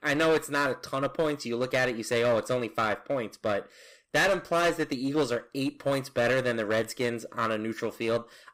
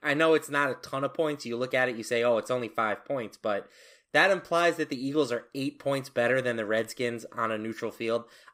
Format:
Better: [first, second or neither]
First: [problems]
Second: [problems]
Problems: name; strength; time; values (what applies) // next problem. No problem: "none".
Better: second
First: distortion; slight; 9% of the sound clipped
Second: none